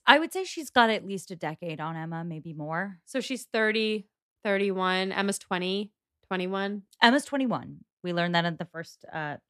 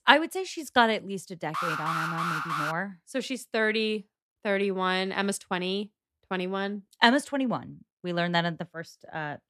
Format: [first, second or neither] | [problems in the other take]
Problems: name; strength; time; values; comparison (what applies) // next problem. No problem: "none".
first | alarm; noticeable; from 1.5 to 2.5 s; peak 1 dB below the speech